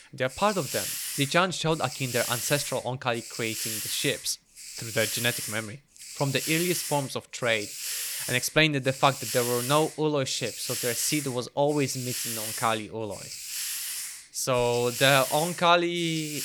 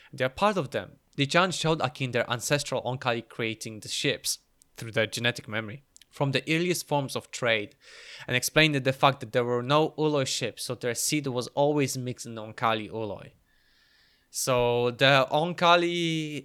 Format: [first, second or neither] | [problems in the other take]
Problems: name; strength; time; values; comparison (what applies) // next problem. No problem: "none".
second | hiss; loud; throughout; 6 dB below the speech